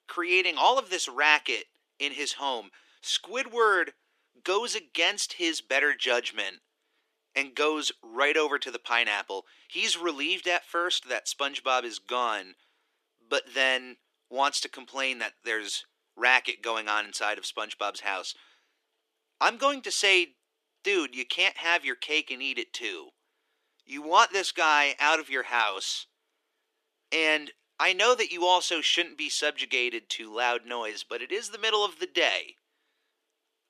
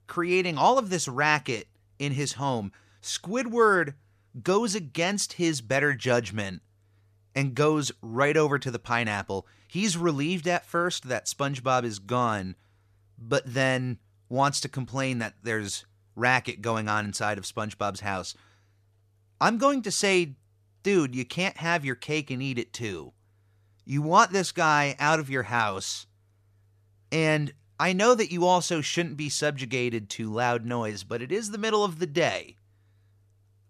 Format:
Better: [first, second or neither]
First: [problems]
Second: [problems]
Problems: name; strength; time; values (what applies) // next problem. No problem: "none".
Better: second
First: thin; very; fading below 300 Hz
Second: none